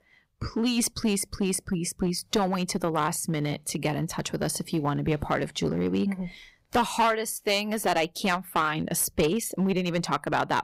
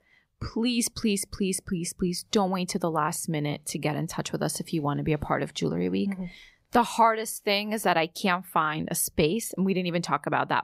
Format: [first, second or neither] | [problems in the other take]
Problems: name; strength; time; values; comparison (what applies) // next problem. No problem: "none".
second | distortion; slight; 5% of the sound clipped